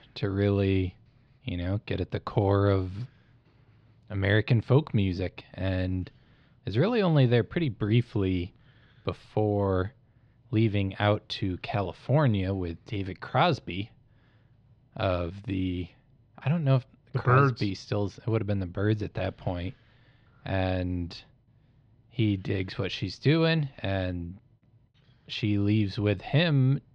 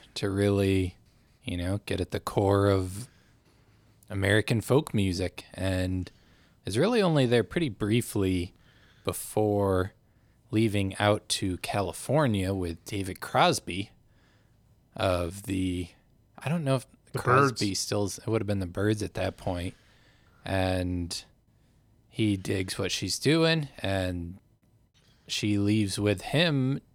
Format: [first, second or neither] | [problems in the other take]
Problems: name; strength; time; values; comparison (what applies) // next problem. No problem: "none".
second | muffled; very slightly; fading above 4 kHz